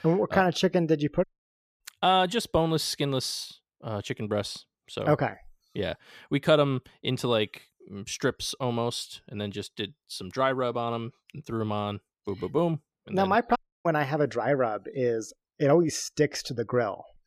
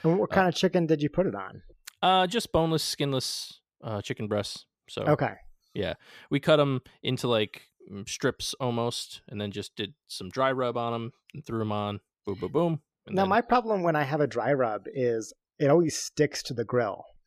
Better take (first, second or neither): second